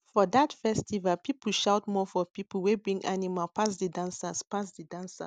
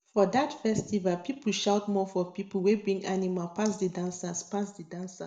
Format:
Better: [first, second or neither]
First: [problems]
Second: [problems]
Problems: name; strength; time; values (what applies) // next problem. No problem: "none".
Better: first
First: none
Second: room echo; dies away in 0.5 s